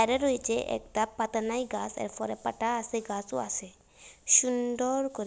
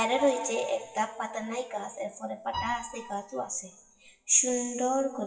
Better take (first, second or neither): first